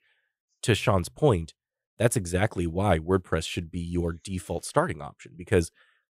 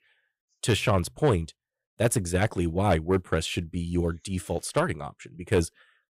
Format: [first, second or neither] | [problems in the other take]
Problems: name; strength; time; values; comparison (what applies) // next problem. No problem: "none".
first | distortion; slight; 10 dB below the speech